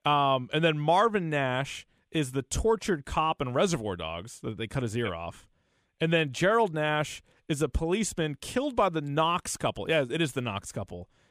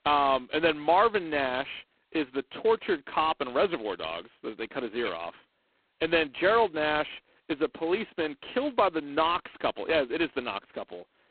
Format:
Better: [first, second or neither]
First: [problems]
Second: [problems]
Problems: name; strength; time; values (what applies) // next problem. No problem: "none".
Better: first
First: none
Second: phone-call audio; poor line; nothing above 4 kHz